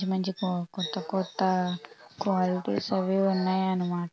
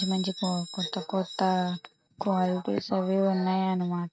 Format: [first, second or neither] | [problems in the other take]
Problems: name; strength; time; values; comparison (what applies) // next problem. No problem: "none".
first | noise reduction (neural mask model RNNoise)